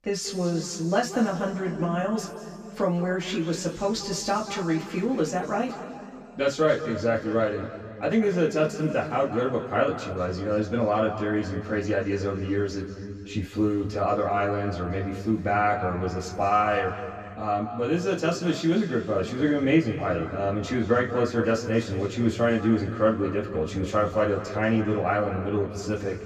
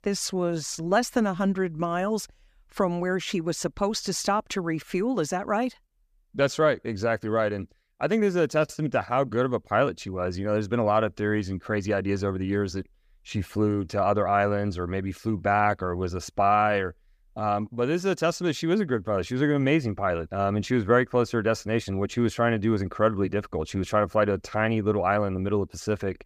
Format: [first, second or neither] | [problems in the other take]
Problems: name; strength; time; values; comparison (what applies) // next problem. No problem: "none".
second | room echo; noticeable; dies away in 2.3 s // off-mic speech; far